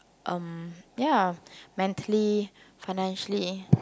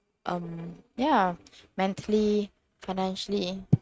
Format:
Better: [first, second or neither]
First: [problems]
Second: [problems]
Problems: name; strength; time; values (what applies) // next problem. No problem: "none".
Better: first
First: none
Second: noise reduction (neural mask model RNNoise)